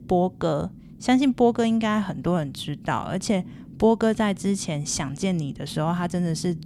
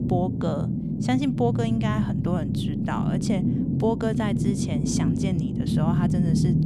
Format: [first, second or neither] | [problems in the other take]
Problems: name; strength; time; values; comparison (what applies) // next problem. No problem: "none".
first | low rumble; loud; throughout; 2 dB below the speech; faint in the first